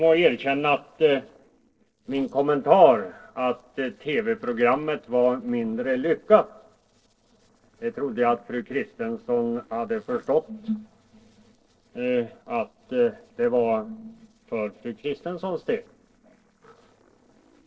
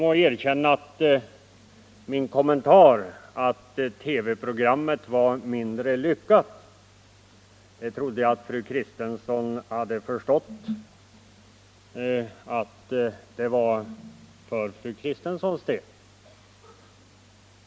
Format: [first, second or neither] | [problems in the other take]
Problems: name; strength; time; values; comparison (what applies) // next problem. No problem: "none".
second | noise reduction (neural separator model SepFormer DNS4)